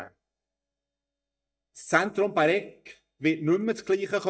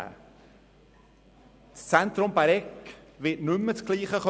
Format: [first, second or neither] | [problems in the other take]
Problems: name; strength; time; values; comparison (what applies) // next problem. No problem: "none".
second | noise reduction (neural mask model DeepFilterNet 3)